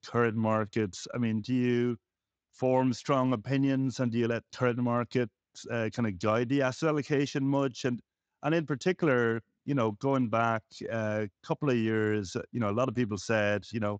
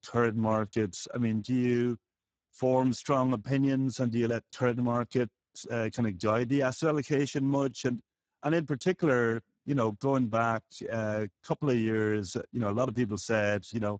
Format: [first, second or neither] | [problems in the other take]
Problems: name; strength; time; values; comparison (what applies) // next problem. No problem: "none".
first | garbled, watery; badly; nothing above 7.5 kHz; slightly in the first